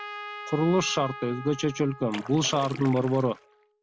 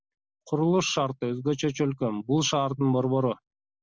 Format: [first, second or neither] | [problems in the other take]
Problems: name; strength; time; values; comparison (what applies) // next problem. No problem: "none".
second | background sound (Splash, splatter + Trumpet); 14 dB below the speech